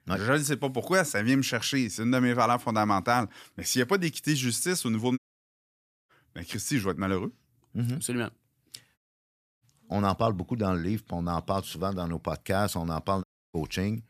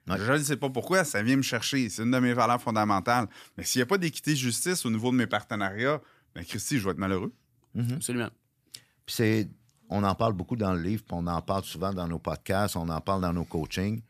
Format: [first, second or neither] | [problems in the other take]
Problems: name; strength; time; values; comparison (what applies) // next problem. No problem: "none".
second | audio cutting out; at 5 s for 1 s, at 9 s for 0.5 s and at 13 s